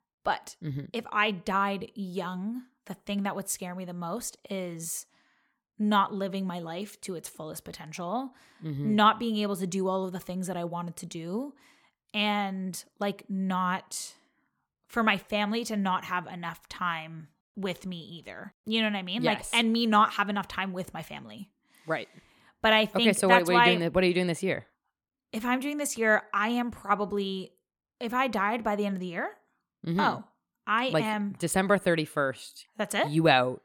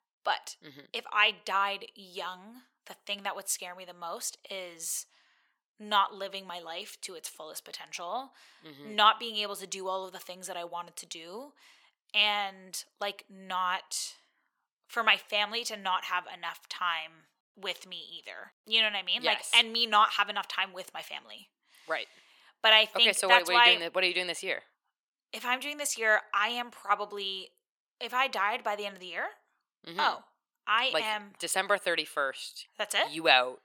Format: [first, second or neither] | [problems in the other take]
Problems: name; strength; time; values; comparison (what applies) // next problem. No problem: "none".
first | thin; very; fading below 600 Hz